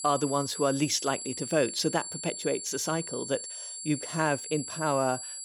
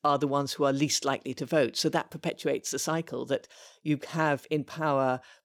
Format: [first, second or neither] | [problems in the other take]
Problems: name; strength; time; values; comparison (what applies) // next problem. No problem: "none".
second | high-pitched whine; loud; throughout; 7.5 kHz, 7 dB below the speech